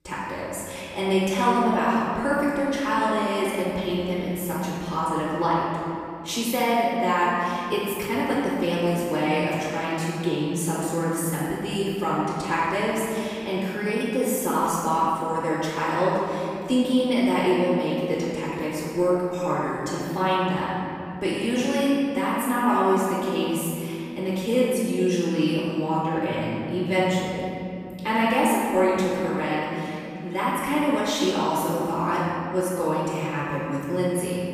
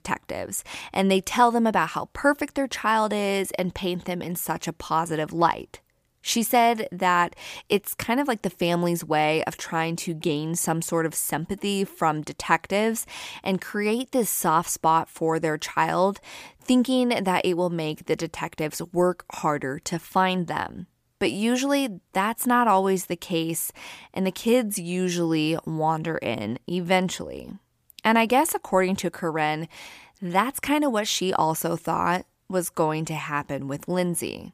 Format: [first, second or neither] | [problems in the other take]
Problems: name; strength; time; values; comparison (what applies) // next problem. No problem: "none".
second | off-mic speech; far // room echo; strong; dies away in 2.9 s